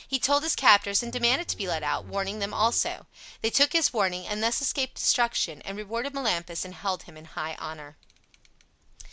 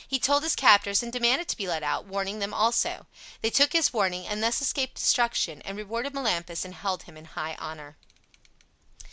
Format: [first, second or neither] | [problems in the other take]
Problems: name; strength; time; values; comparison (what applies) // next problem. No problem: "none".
second | background sound (Bowed string instrument); 16 dB below the speech